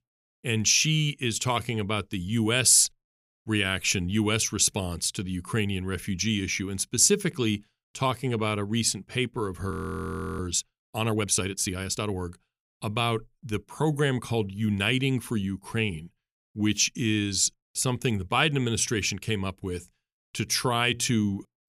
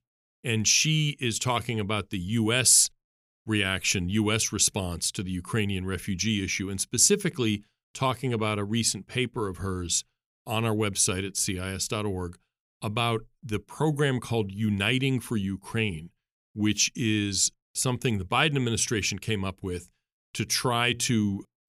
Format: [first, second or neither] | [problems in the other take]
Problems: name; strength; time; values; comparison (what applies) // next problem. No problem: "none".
second | audio freezing; at 9.5 s for 0.5 s